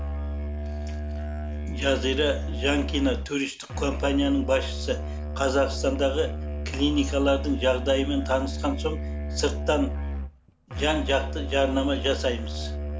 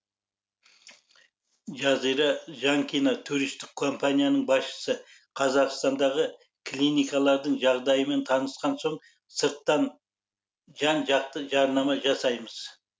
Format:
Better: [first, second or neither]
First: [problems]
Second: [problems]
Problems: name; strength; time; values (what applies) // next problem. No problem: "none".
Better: second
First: background sound (Musical instrument); 3 dB below the speech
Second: none